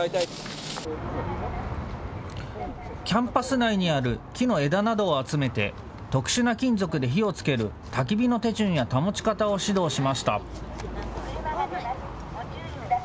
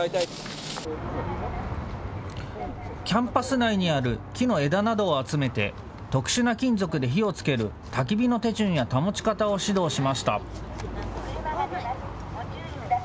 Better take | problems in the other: first | background sound (Bowed string instrument); 19 dB below the speech

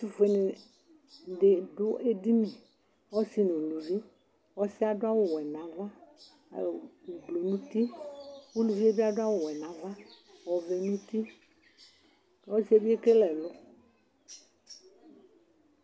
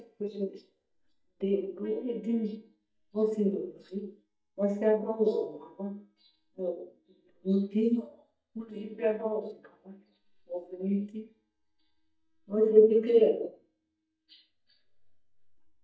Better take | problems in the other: first | noise reduction (neural mask model DeepFilterNet 3)

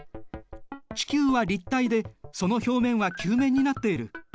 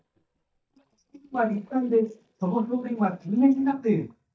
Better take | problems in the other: first | noise reduction (neural mask model DeepFilterNet 3)

